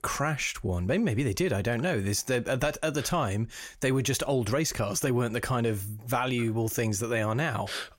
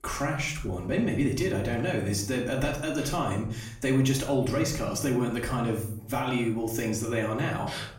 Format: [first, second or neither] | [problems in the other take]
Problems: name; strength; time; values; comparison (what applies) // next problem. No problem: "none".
first | off-mic speech; far // room echo; slight; dies away in 0.5 s